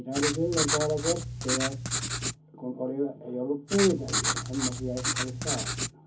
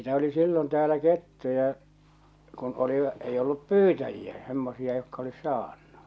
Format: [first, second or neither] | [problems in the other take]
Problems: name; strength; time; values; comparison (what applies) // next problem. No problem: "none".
second | background sound (Writing); 1 dB above the speech // room echo; dies away in 0.3 s